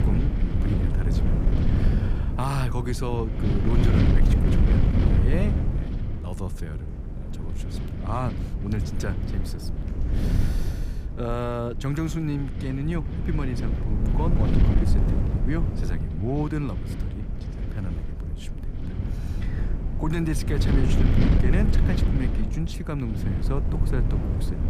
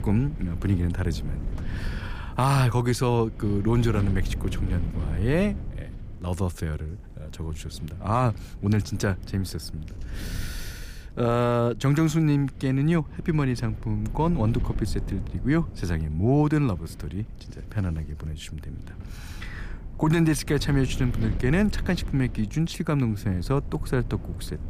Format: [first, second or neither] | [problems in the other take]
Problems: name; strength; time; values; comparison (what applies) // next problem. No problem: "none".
second | wind noise on the microphone; heavy; 2 dB below the speech; occasional gusts in the second